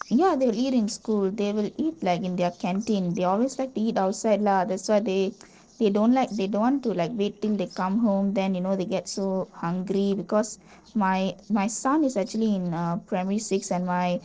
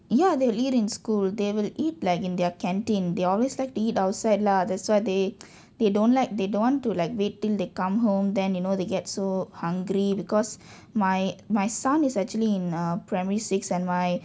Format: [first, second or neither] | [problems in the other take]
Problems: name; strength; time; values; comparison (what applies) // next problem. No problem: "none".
second | noise reduction (neural separator model SepFormer DNS4)